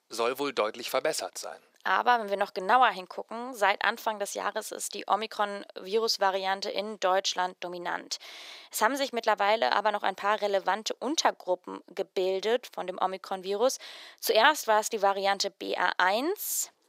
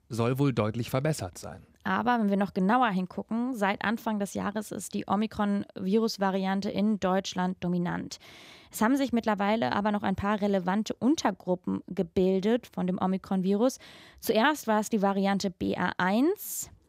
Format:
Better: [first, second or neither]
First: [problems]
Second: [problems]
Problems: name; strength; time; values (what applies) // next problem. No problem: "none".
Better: second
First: thin; very; fading below 450 Hz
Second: none